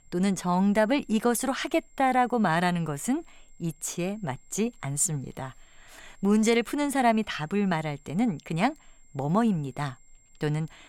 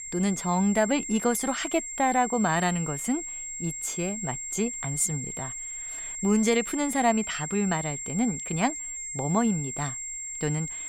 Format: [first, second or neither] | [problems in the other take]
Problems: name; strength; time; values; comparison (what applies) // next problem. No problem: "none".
first | high-pitched whine; loud; throughout; 7.5 kHz, 6 dB below the speech; faint in the first